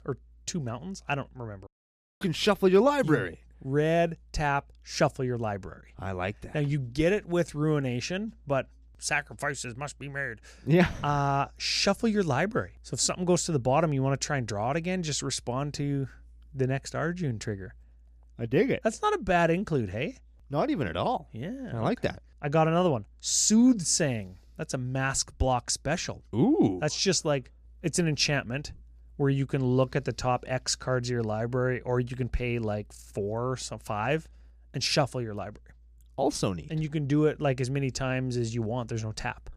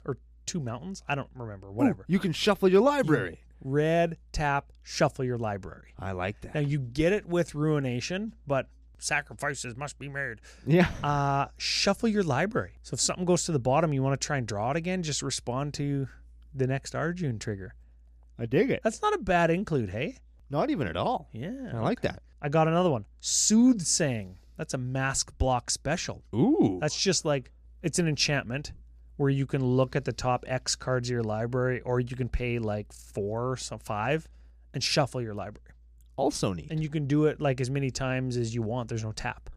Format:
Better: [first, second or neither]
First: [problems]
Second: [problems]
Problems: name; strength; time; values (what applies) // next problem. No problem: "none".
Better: second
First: audio cutting out; at 1.5 s for 0.5 s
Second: none